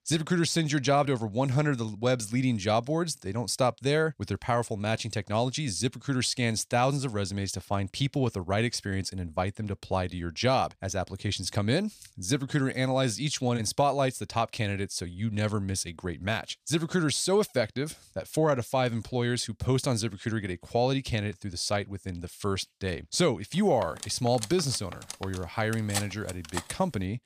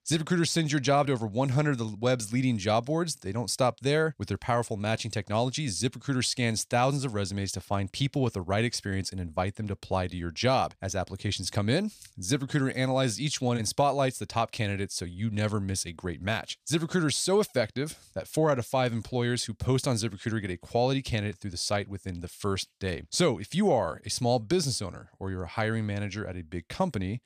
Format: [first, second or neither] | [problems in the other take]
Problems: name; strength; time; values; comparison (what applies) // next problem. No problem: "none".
second | clattering dishes; noticeable; from 24 to 27 s; peak 4 dB below the speech